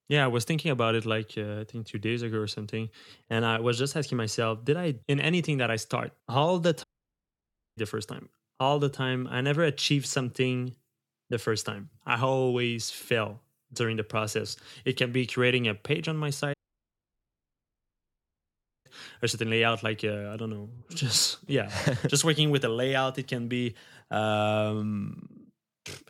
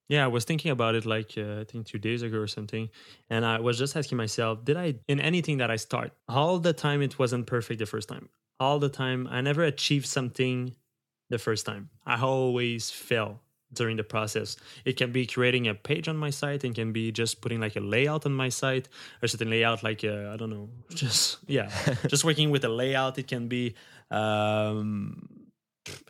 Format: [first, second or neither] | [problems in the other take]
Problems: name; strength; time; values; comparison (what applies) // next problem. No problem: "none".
second | audio cutting out; at 7 s for 1 s and at 17 s for 2.5 s